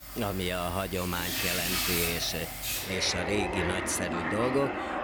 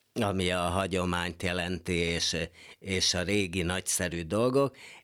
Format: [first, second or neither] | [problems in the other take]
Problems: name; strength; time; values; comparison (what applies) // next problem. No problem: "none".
second | household noises; loud; throughout; as loud as the speech